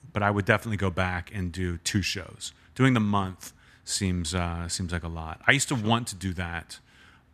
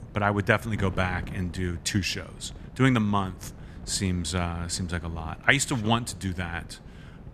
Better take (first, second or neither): first